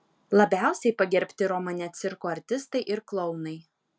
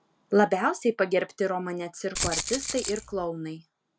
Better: first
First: none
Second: background sound (Rattle (instrument)); 4 dB below the speech

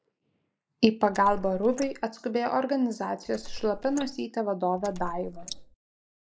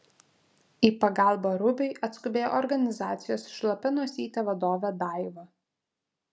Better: second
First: noise reduction (neural mask model Resemble Enhance denoiser)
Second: none

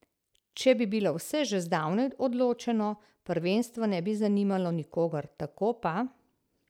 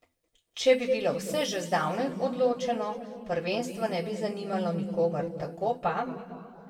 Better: first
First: none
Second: room echo; dies away in 2 s

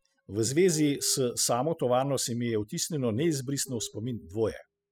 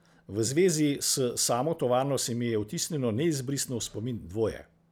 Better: second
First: noise reduction (classical method spectral subtraction)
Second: none

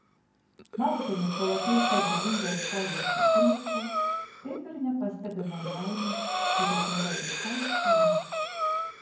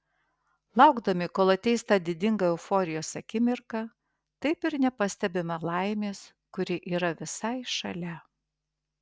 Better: second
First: background sound (Breathing); 3 dB above the speech // room echo; dies away in 0.9 s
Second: none

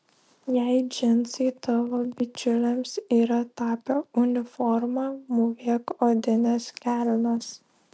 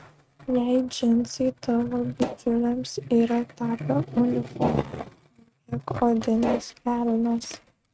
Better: first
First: none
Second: noise reduction (neural mask model RNNoise)

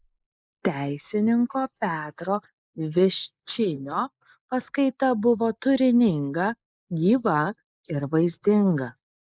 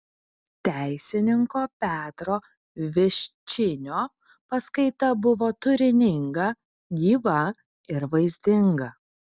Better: second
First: noise reduction (neural mask model Resemble Enhance denoiser)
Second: none

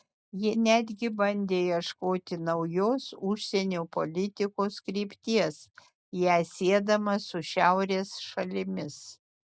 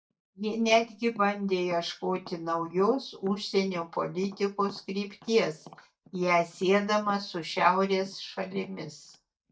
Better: first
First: none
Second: noise reduction (neural mask model DeepFilterNet 3)

